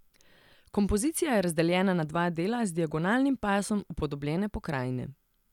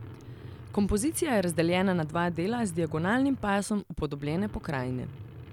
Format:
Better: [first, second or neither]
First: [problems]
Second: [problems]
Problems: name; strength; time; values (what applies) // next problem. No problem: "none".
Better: first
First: none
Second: background sound (Truck); 15 dB below the speech